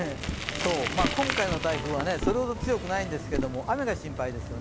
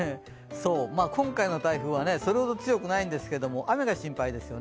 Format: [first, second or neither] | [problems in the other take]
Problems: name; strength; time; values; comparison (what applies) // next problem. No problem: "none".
second | background sound (Bicycle + Drawer open or close); 3 dB below the speech